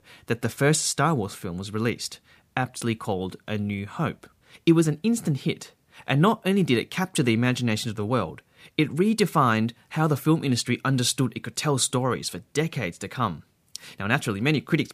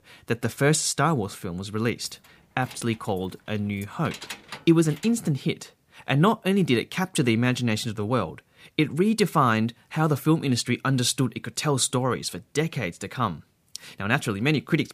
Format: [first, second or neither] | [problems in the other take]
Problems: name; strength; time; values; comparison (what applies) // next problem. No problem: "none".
first | jangling keys; faint; from 2 to 5 s; peak 10 dB below the speech